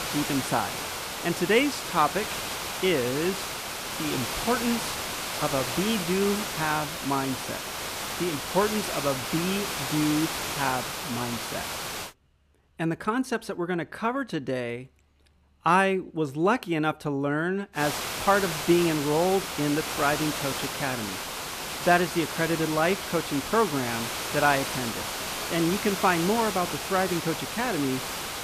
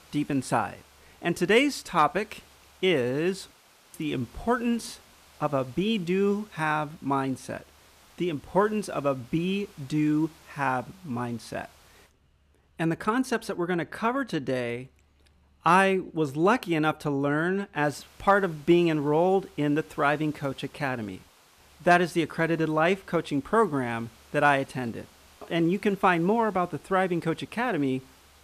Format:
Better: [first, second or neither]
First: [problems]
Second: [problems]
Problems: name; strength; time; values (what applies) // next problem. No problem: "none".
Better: second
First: hiss; loud; until 12 s and from 18 s on; 4 dB below the speech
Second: hiss; faint; until 12 s and from 18 s on; 30 dB below the speech